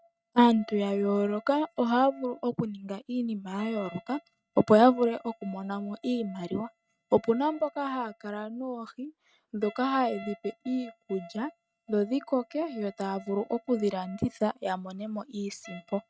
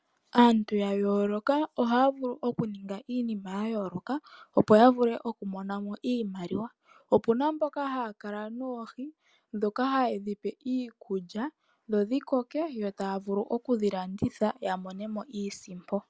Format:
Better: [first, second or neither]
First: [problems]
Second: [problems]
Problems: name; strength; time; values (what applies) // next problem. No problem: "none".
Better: second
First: noise reduction (neural mask model RNNoise)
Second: none